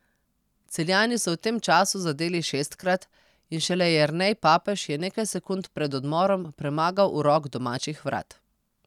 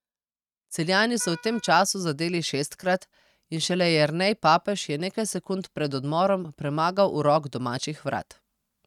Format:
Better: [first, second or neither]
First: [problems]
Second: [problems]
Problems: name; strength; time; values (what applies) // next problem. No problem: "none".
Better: first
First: none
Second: noise reduction (neural mask model RNNoise)